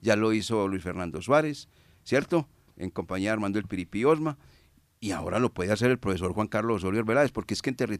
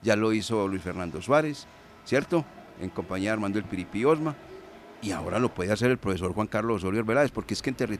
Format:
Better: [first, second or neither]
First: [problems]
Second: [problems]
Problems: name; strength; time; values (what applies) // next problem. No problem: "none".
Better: first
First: none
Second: train or aircraft noise; faint; throughout; 20 dB below the speech